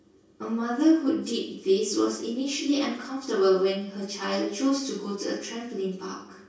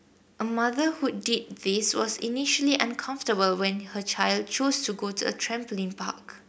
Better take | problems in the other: second | room echo; dies away in 0.6 s

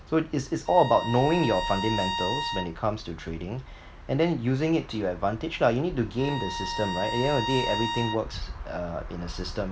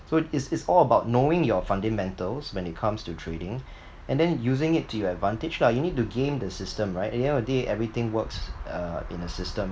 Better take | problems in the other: second | background sound (Bowed string instrument); 7 dB below the speech

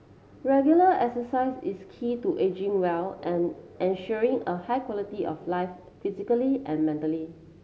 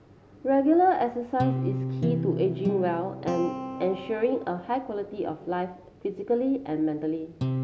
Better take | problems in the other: first | background sound (Guitar); 6 dB below the speech

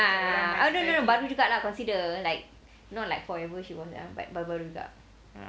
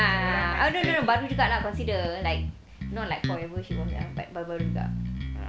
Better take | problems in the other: first | background sound (Bass guitar); 3 dB below the speech

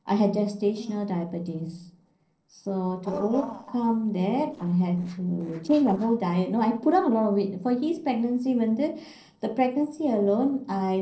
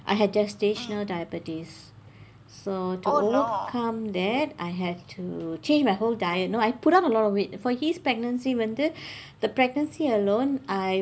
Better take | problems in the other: second | noise reduction (neural separator model SepFormer DNS4)

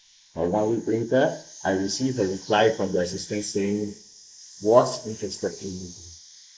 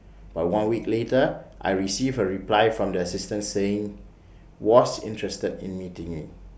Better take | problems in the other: second | noise reduction (neural mask model Resemble Enhance denoiser)

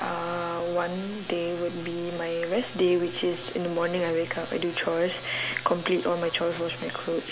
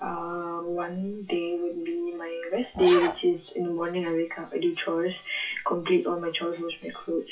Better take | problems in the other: first | noise reduction (classical method WPE with log-MMSE)

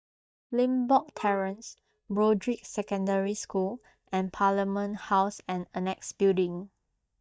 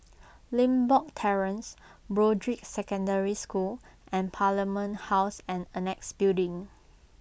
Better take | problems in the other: second | noise reduction (neural mask model DeepFilterNet 3)

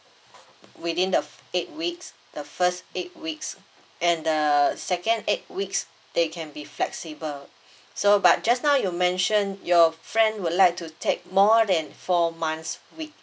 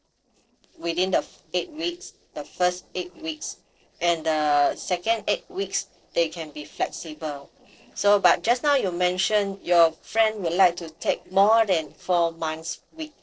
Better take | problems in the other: first | noise reduction (neural separator model SepFormer DNS4)

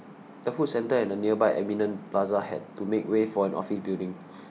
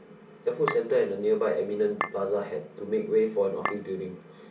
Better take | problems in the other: first | background sound (Chink, clink); 7 dB below the speech // room echo; dies away in 0.3 s

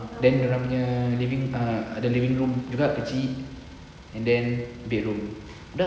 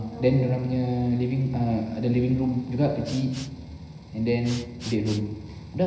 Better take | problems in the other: first | background sound (Respiratory sounds); 20 dB below the speech // room echo; dies away in 0.4 s

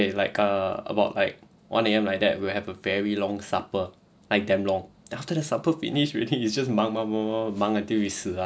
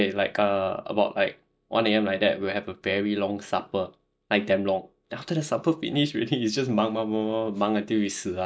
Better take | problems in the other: first | noise reduction (neural mask model DeepFilterNet 3)

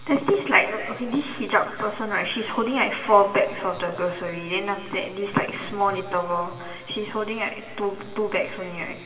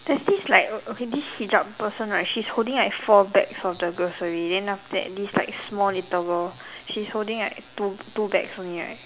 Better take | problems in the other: second | room echo; dies away in 2.3 s

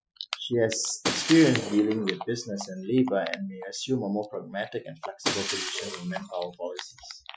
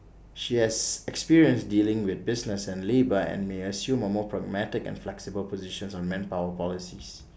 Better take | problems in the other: second | noise reduction (classical method Wiener filter)

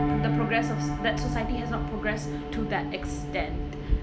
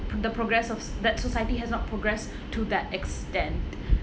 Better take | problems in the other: second | background sound (Piano); 1 dB below the speech

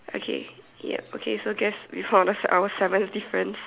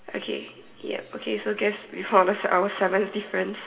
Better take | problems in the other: first | room echo; dies away in 1.3 s

